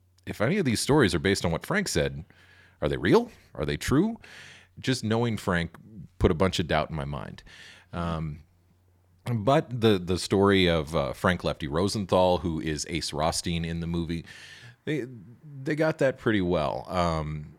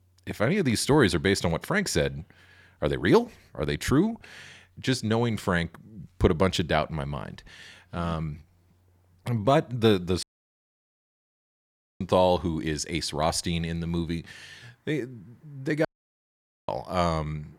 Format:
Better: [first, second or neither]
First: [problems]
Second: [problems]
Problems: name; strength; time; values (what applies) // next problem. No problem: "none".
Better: first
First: none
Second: audio cutting out; at 10 s for 2 s and at 16 s for 1 s